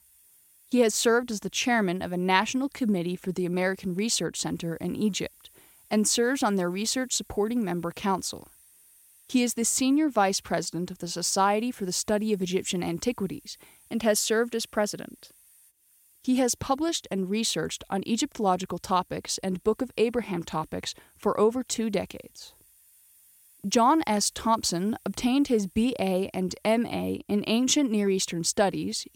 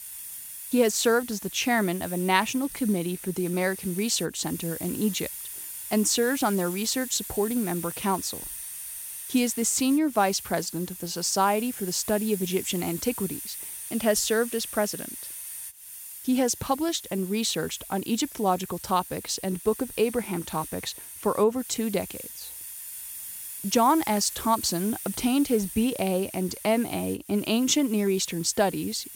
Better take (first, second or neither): first